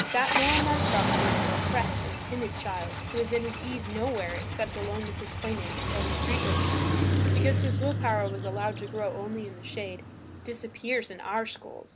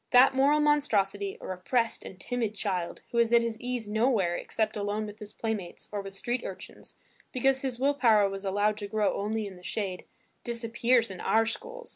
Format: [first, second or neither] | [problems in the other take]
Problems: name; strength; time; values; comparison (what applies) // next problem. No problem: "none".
second | background sound (Car); 3 dB above the speech